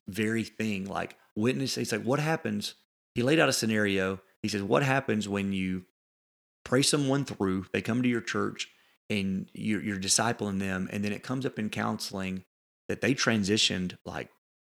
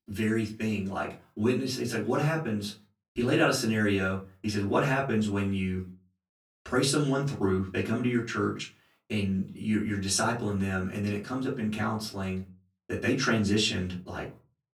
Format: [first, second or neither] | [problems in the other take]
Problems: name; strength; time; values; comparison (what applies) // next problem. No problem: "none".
first | off-mic speech; far // room echo; very slight; dies away in 0.3 s